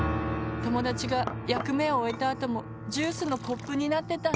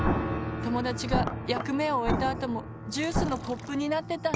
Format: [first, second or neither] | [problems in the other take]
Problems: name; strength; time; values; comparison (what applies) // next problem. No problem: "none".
first | background sound (Explosion); 4 dB below the speech